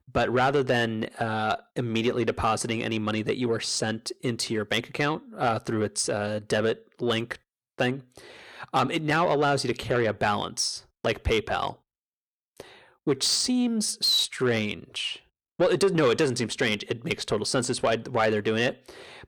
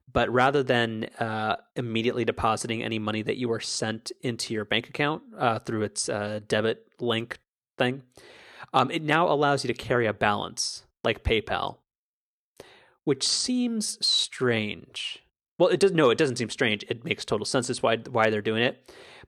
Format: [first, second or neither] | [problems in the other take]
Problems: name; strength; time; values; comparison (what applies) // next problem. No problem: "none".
second | distortion; slight; 10 dB below the speech